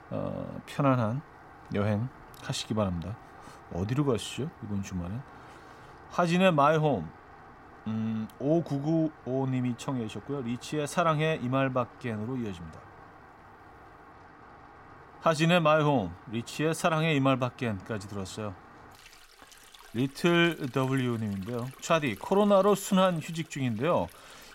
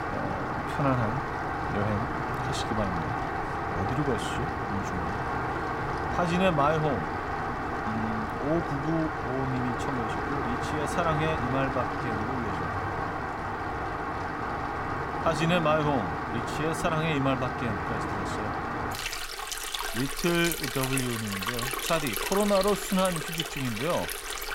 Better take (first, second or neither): first